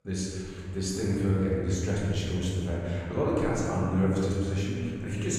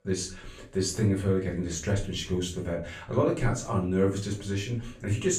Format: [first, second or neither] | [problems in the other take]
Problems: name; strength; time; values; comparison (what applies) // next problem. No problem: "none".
second | room echo; strong; dies away in 2.8 s; slight in the second // off-mic speech; far; far in the second